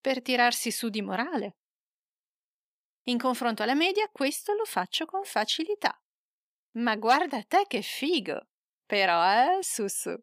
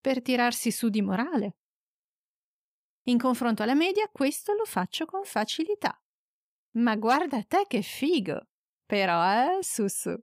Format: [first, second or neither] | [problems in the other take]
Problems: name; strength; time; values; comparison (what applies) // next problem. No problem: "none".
second | thin; very slightly; fading below 300 Hz